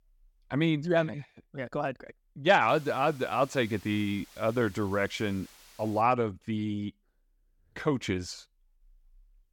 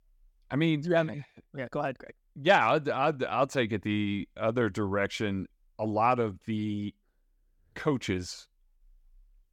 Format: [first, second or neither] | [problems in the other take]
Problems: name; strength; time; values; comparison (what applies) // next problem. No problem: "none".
second | hiss; faint; from 2.5 to 6 s; 25 dB below the speech